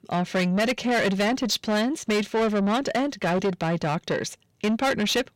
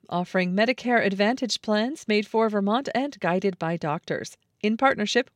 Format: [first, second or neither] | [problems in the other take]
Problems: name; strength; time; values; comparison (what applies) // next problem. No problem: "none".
second | distortion; heavy; 7 dB below the speech